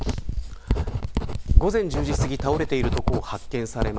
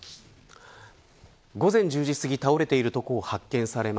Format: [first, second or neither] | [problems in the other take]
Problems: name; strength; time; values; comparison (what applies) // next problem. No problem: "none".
second | background sound (Writing); 4 dB above the speech